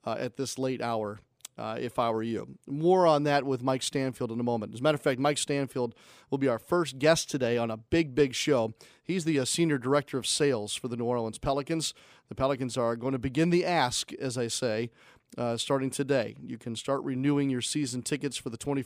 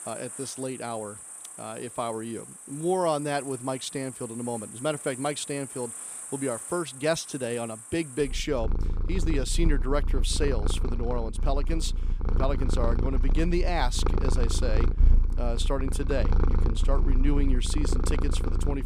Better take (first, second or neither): first